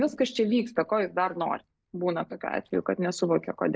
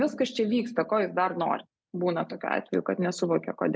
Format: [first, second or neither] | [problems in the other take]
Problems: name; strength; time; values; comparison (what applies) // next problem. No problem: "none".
second | noise reduction (neural mask model DeepFilterNet 3)